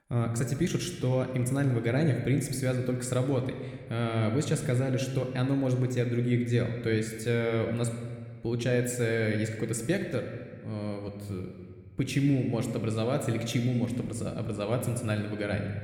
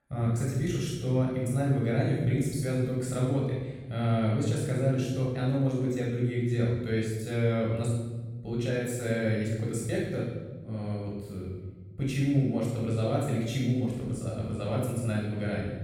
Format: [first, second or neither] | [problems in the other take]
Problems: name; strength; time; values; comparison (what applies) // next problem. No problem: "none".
first | room echo; strong; dies away in 1.4 s; slight in the first // off-mic speech; far